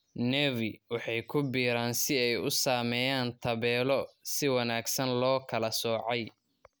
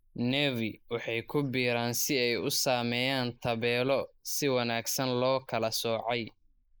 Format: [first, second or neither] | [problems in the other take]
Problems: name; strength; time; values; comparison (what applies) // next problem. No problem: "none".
first | noise reduction (neural mask model Resemble Enhance denoiser)